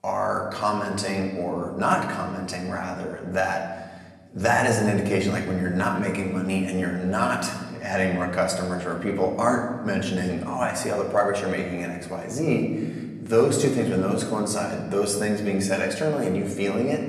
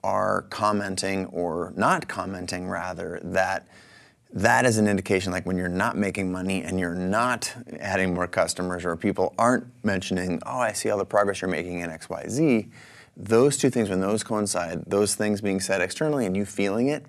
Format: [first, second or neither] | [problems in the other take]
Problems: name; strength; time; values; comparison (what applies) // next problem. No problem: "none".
second | room echo; slight; dies away in 1.3 s // off-mic speech; far